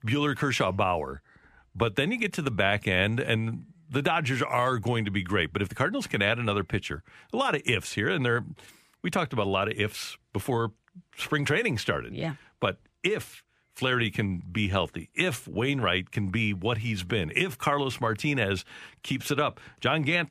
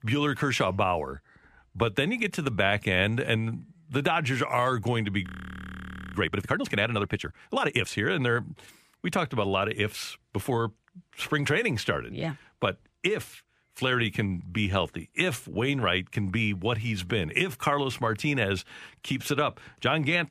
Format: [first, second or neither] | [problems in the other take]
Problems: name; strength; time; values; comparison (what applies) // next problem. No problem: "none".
first | audio freezing; at 5.5 s for 1 s